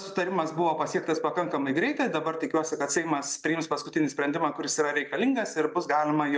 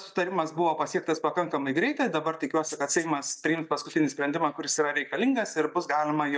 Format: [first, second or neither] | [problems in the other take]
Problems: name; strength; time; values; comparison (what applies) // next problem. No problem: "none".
first | noise reduction (neural mask model DeepFilterNet 3)